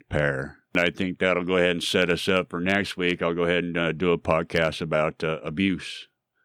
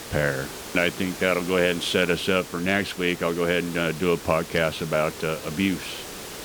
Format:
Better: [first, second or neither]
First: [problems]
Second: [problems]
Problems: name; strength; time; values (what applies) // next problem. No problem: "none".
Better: first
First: none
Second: hiss; noticeable; throughout; 10 dB below the speech